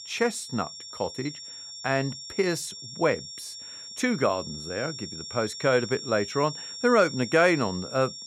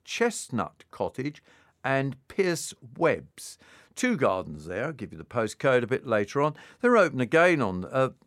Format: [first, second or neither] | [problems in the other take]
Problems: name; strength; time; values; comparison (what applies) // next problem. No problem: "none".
second | high-pitched whine; noticeable; throughout; 5.5 kHz, 10 dB below the speech